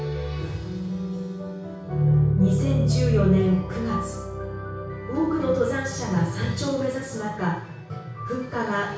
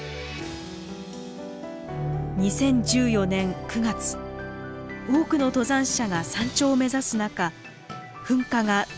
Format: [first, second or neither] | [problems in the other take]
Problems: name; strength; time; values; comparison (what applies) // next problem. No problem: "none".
second | room echo; dies away in 0.6 s